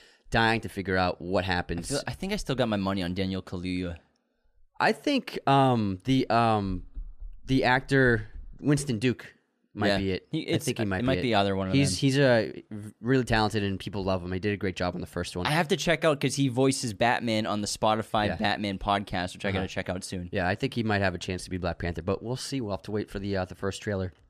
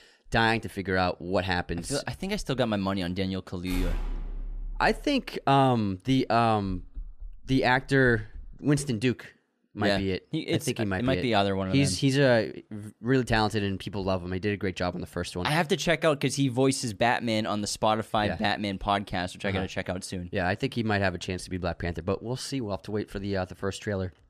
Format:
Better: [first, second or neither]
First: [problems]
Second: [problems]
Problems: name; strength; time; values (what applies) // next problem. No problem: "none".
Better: first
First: none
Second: door banging; noticeable; from 3.5 to 5 s; peak 7 dB below the speech